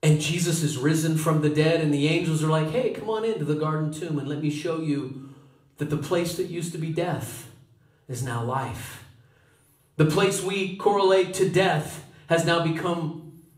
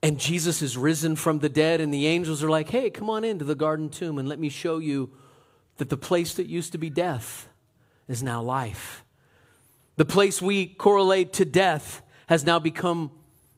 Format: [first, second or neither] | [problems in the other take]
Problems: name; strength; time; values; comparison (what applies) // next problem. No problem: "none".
second | room echo; slight; dies away in 0.5 s // off-mic speech; somewhat distant